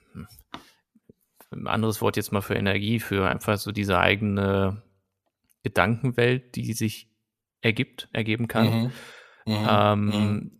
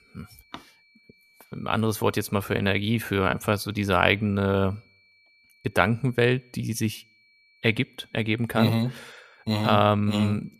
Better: first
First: none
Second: high-pitched whine; faint; throughout; 2.5 kHz, 35 dB below the speech

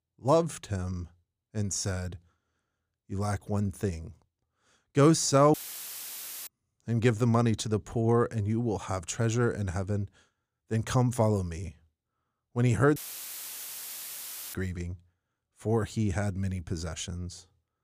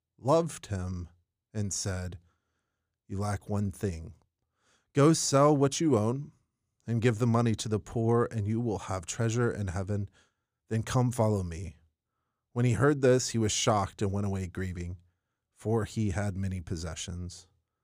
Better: second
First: audio cutting out; filled with static; at 5.5 s for 1 s and at 13 s for 1.5 s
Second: none

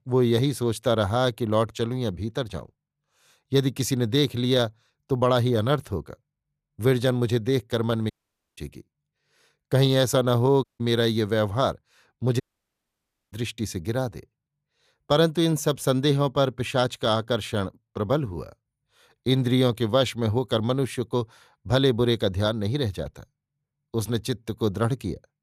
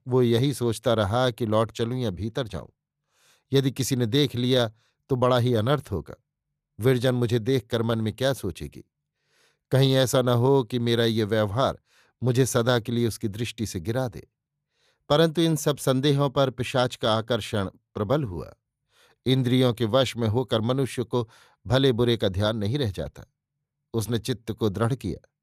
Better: second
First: audio cutting out; at 8 s, at 11 s and at 12 s for 1 s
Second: none

